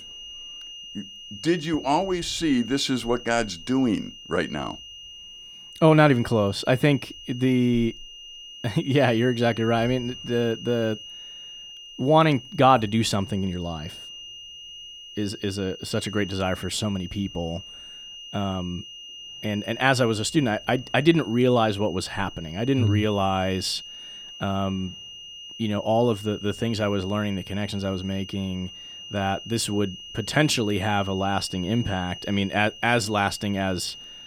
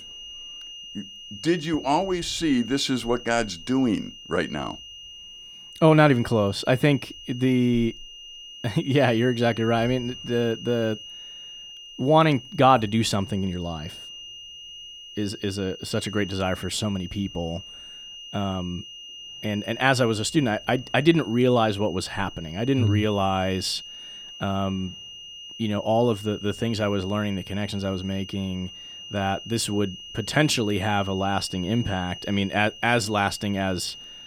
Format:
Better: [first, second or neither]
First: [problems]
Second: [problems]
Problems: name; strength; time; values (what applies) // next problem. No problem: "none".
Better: neither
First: high-pitched whine; noticeable; throughout; 3 kHz, 15 dB below the speech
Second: high-pitched whine; noticeable; throughout; 3 kHz, 15 dB below the speech